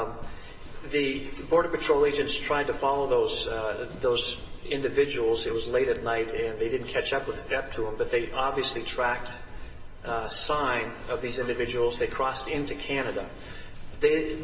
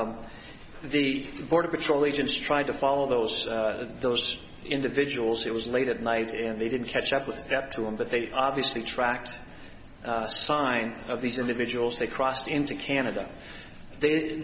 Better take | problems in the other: second | background sound (Run); 15 dB below the speech // room echo; dies away in 2.8 s

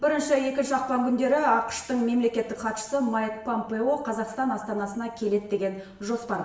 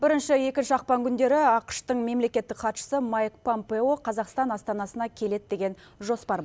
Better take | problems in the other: second | room echo; dies away in 0.8 s

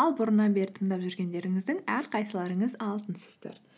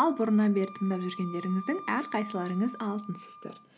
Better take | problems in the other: first | background sound (Wind instrument, woodwind instrument); 15 dB below the speech

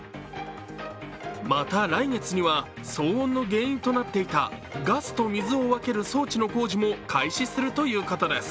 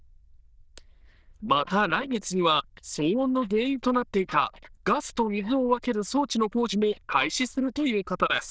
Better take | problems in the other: first | noise reduction (neural diffusion model UNIVERSE++)

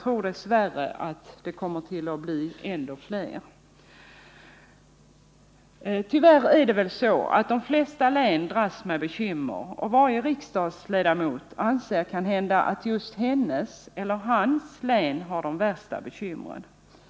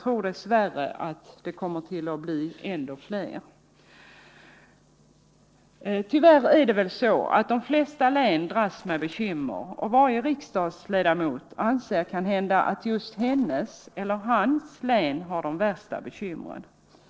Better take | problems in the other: first | noise reduction (neural separator model SepFormer DNS4)

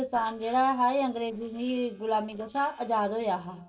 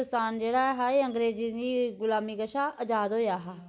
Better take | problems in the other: second | noise reduction (neural separator model SepFormer DNS4)

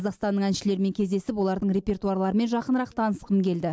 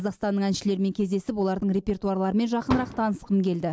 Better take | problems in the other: first | background sound (Fireworks); 9 dB below the speech

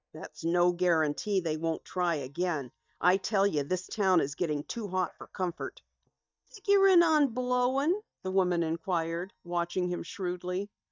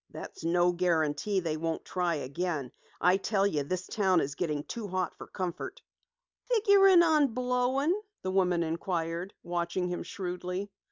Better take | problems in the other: second | noise reduction (neural mask model DeepFilterNet 3)

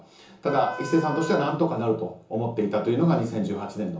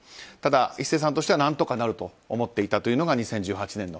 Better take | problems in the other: second | background sound (Wind instrument, woodwind instrument); 12 dB below the speech // room echo; dies away in 0.7 s

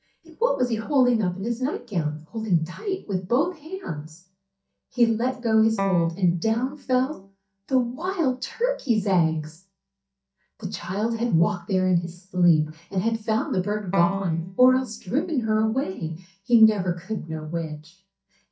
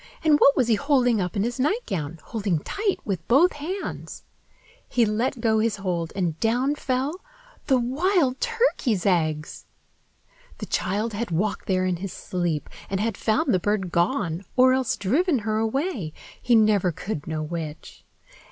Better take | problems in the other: second | noise reduction (neural mask model DeepFilterNet 3)

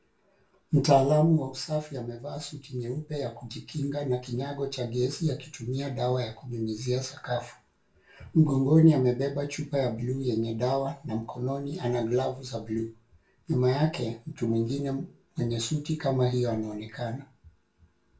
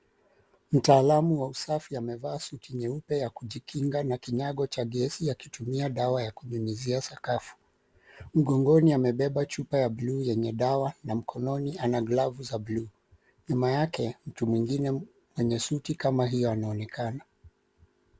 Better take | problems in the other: second | room echo; dies away in 0.3 s

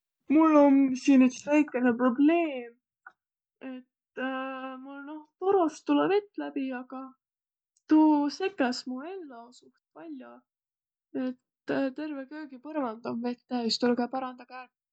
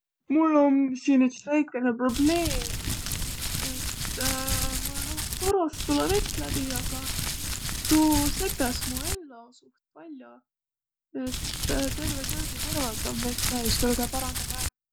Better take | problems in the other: first | background sound (Crumpling, crinkling); 1 dB below the speech

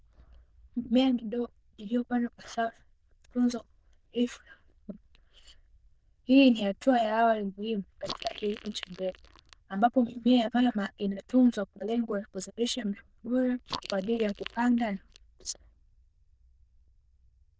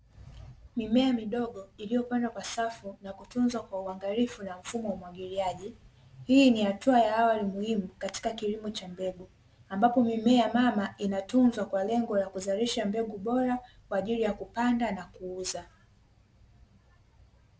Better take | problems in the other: second | noise reduction (neural diffusion model UNIVERSE++)

